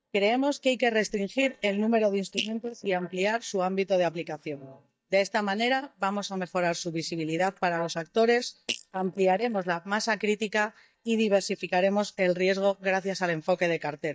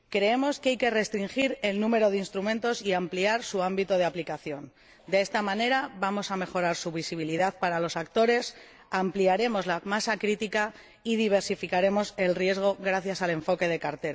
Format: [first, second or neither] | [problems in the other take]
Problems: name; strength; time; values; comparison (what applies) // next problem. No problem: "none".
second | noise reduction (neural mask model DeepFilterNet 3)